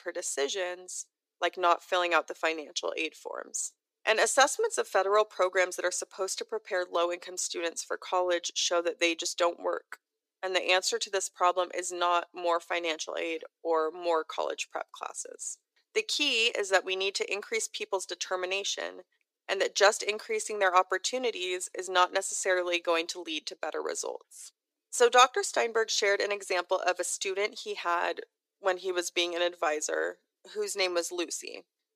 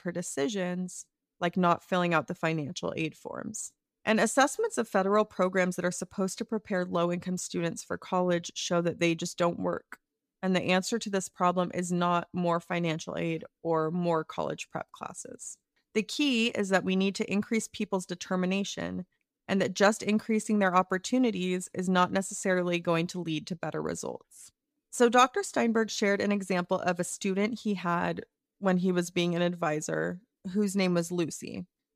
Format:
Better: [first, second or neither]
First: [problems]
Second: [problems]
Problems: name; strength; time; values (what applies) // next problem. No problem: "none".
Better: second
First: thin; very; fading below 350 Hz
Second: none